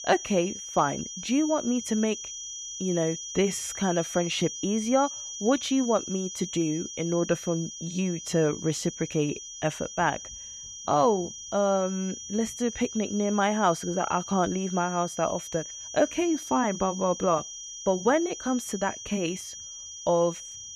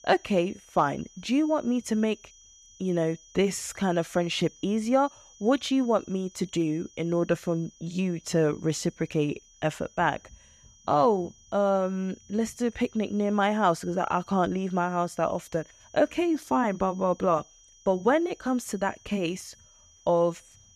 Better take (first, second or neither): second